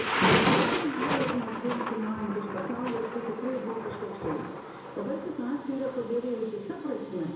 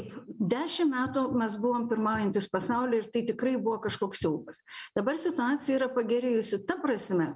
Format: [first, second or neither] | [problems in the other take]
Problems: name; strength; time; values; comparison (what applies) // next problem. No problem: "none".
second | background sound (Thunder); 1 dB above the speech // room echo; dies away in 1 s